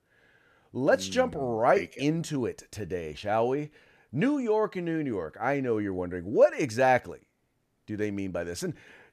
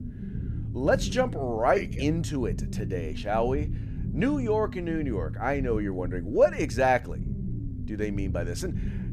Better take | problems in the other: first | low rumble; noticeable; throughout; 15 dB below the speech

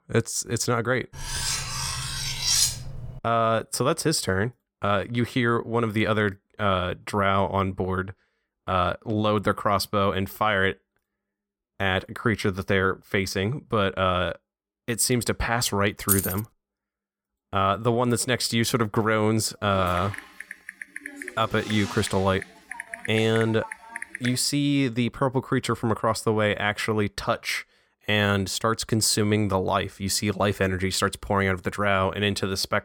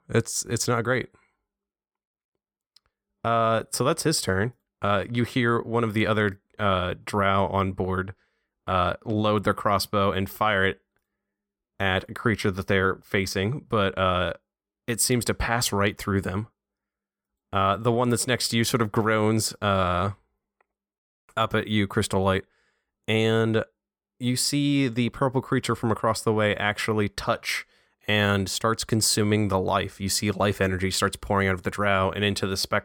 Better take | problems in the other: second | clattering dishes; loud; from 1 to 3 s; peak 5 dB above the speech // jangling keys; loud; at 16 s; peak 1 dB above the speech // keyboard typing; noticeable; from 20 to 24 s; peak 9 dB below the speech

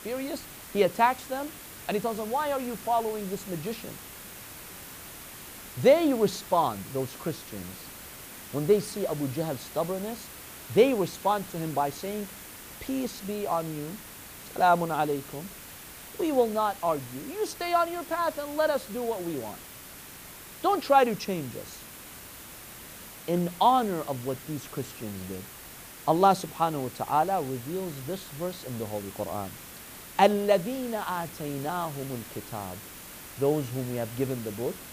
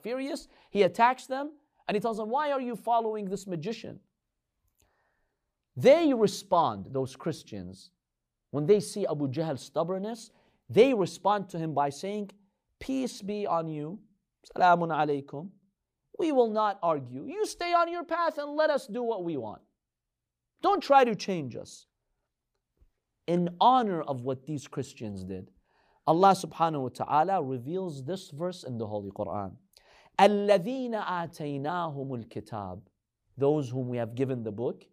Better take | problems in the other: second | hiss; noticeable; throughout; 15 dB below the speech

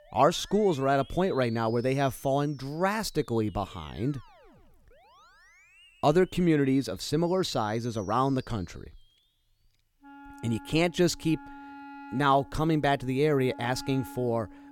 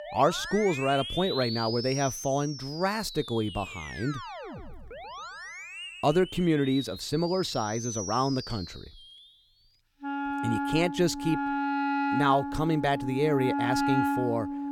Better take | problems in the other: first | background music; loud; throughout; 5 dB below the speech; faint in the first

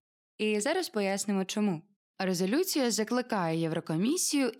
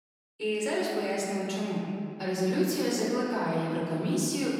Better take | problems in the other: first | off-mic speech; far // room echo; strong; dies away in 2.2 s

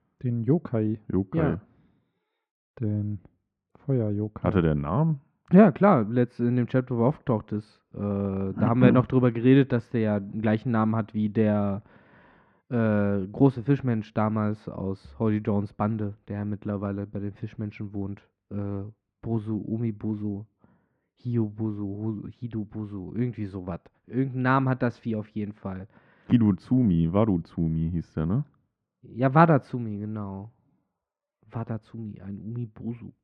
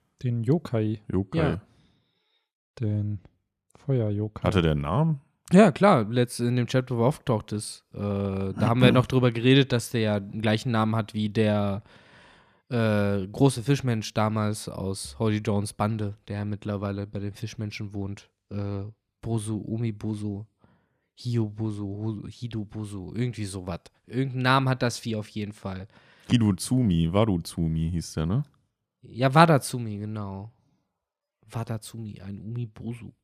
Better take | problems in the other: second | muffled; very; fading above 1.5 kHz

